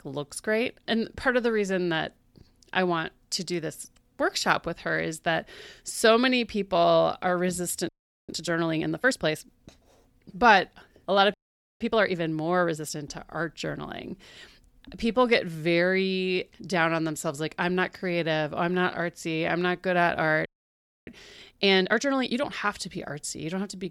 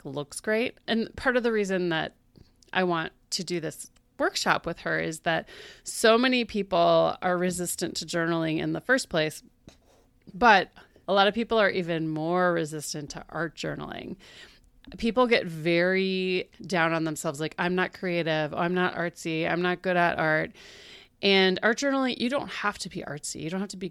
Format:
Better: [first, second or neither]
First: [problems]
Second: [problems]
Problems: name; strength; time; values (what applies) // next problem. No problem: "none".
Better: second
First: audio freezing; at 8 s, at 11 s and at 20 s for 0.5 s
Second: none